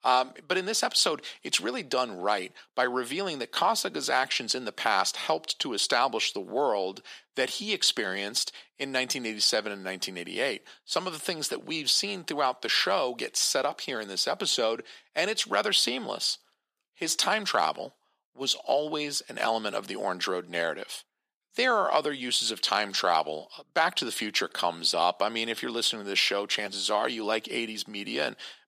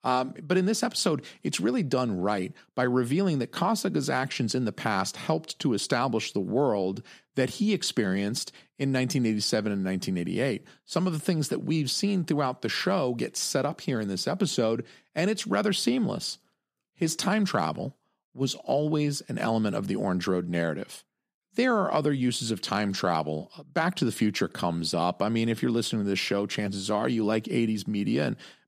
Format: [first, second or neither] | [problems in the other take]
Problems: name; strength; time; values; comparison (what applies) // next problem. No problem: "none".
second | thin; very; fading below 550 Hz